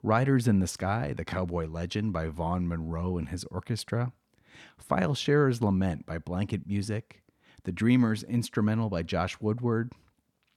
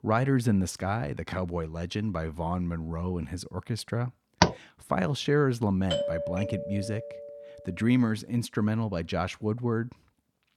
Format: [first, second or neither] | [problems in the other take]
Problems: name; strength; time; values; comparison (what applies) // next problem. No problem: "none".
first | door banging; loud; at 4.5 s; peak 4 dB above the speech // doorbell; noticeable; from 6 to 7.5 s; peak 1 dB below the speech